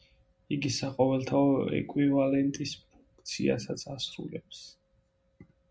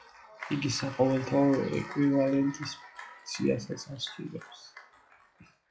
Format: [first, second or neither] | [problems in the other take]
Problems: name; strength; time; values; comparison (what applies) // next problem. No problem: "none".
first | noise reduction (classical method log-MMSE)